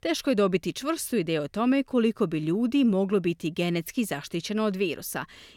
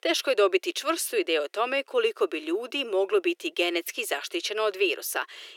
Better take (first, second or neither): first